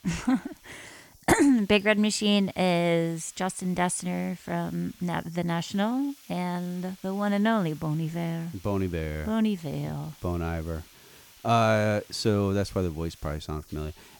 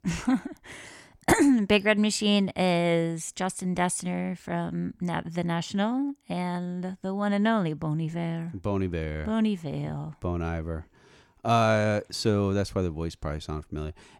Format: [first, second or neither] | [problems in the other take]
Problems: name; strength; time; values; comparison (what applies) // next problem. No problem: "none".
second | hiss; faint; throughout; 25 dB below the speech